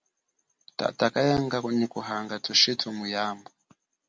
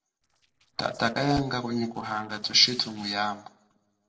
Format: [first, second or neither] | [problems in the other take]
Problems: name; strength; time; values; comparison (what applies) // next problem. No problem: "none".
first | noise reduction (neural separator model SepFormer DNS4)